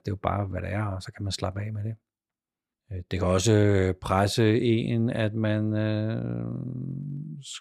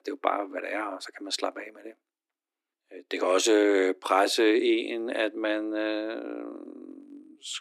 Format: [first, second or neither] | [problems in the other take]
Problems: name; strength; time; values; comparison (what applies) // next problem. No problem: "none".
first | thin; very; fading below 300 Hz